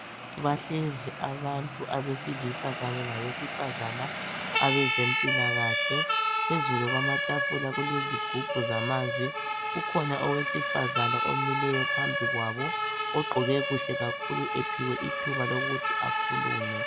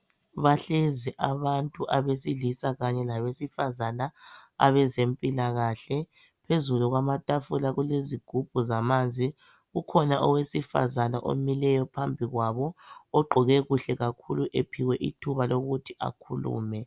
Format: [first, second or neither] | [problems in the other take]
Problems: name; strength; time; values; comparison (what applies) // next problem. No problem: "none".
second | background sound (Siren); 2 dB above the speech